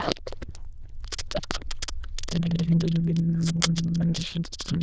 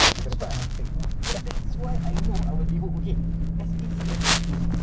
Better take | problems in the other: second | noise reduction (neural diffusion model UNIVERSE++)

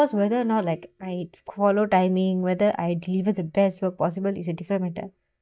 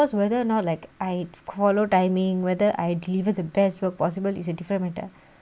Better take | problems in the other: second | noise reduction (neural mask model DeepFilterNet 3)

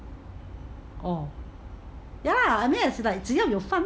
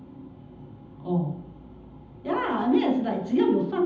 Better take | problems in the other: first | room echo; dies away in 0.8 s

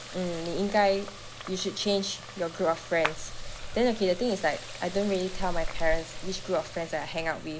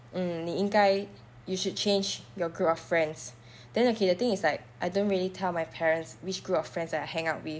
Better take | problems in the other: second | background sound (Water tap, faucet + Clapping); 6 dB below the speech

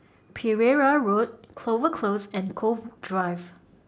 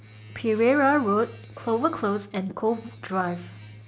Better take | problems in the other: first | background sound (Domestic sounds, home sounds); 19 dB below the speech

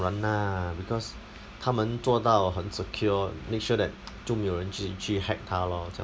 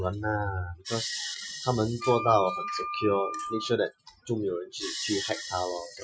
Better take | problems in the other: first | noise reduction (classical method Wiener filter)

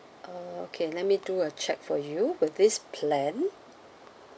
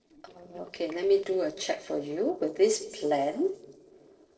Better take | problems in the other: first | noise reduction (neural separator model SepFormer DNS4)

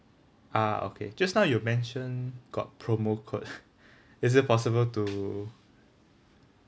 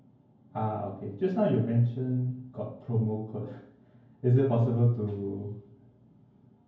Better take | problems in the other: first | room echo; dies away in 0.9 s

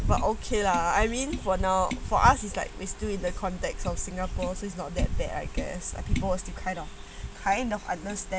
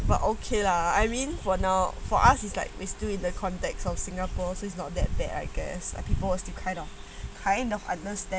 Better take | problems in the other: second | background sound (Tap); 16 dB below the speech

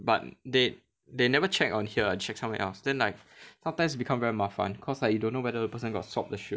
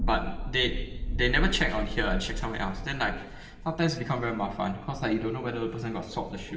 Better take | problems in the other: first | background sound (Thunder); 4 dB below the speech // room echo; dies away in 1.2 s

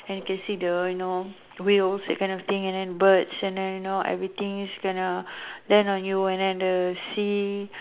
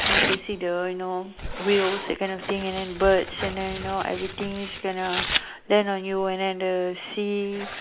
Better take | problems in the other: first | background sound (Tearing); 5 dB below the speech

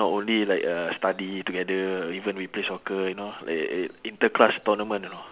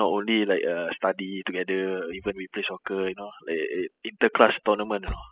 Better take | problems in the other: first | noise reduction (classical method spectral subtraction)

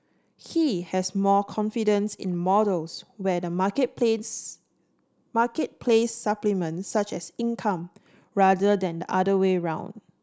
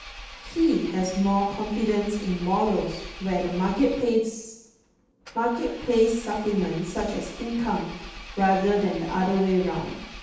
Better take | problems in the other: first | background sound (Engine); 15 dB below the speech // room echo; dies away in 0.9 s

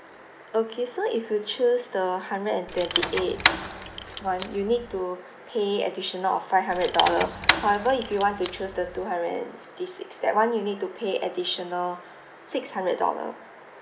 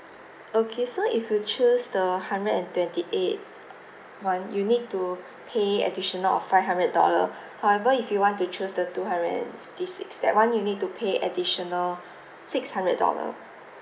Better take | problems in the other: second | background sound (Rattle / Keys jangling); 3 dB below the speech

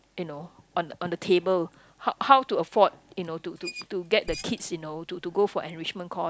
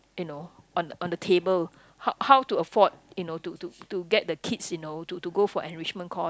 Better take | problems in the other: second | background sound (Squeak + Bass drum); 19 dB below the speech

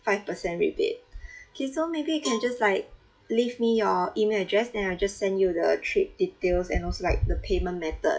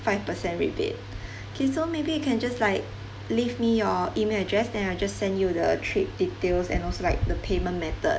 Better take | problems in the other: second | noise reduction (classical method WPE with log-MMSE)

